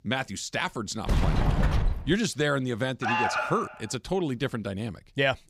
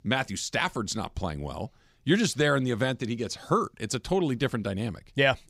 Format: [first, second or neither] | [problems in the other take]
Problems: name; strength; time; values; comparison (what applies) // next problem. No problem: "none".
second | door banging; loud; from 1 to 2 s; peak 4 dB above the speech // alarm; loud; at 3 s; peak 4 dB above the speech